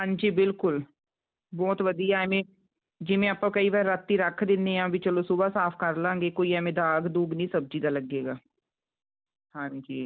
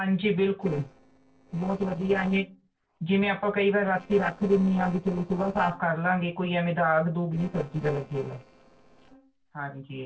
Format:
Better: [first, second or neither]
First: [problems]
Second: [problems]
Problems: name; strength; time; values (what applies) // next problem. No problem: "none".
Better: first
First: none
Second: noise reduction (neural separator model SepFormer DNS4)